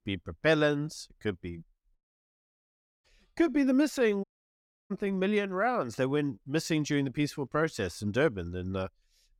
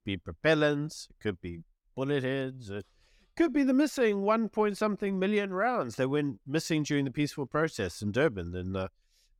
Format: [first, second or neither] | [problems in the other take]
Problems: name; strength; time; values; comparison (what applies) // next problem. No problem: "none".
second | audio cutting out; at 2 s for 1 s and at 4 s for 0.5 s